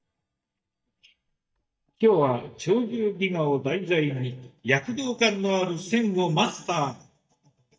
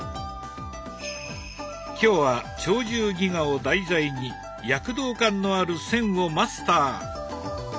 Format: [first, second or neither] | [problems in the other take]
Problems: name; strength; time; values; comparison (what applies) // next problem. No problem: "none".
second | noise reduction (neural mask model DeepFilterNet 3)